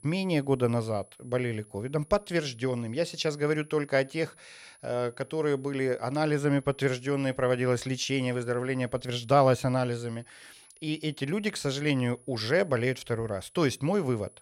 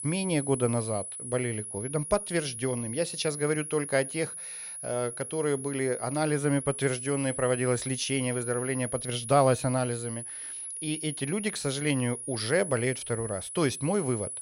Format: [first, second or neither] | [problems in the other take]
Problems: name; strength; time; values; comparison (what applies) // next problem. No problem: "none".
first | high-pitched whine; loud; throughout; 10.5 kHz, 6 dB below the speech; faint in the first